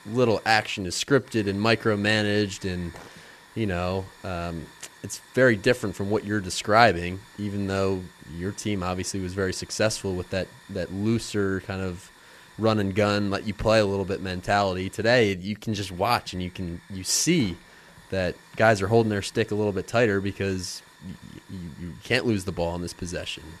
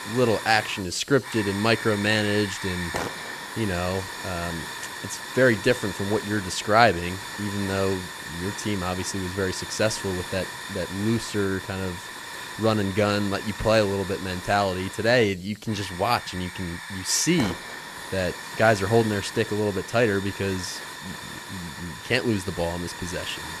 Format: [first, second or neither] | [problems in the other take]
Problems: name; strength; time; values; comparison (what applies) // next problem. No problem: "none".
first | hiss; loud; throughout; 9 dB below the speech; faint in the first